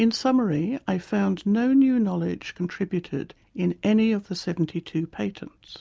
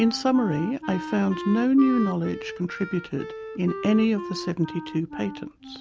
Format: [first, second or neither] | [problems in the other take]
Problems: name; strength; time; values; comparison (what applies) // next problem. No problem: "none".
first | background sound (Wind instrument, woodwind instrument); 11 dB below the speech